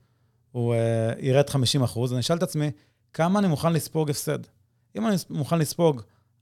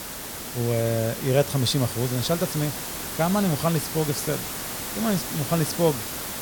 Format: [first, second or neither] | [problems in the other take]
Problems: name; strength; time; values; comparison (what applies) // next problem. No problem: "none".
first | hiss; loud; throughout; 5 dB below the speech